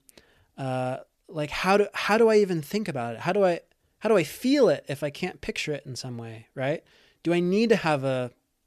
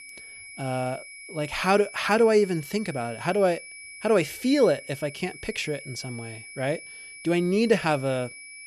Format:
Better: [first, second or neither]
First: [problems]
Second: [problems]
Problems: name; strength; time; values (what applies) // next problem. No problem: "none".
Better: first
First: none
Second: high-pitched whine; noticeable; throughout; 2.5 kHz, 15 dB below the speech